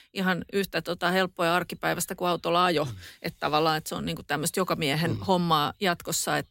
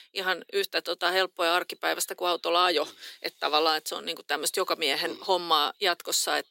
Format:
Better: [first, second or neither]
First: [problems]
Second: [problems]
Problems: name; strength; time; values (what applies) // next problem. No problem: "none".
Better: first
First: none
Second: thin; very; fading below 350 Hz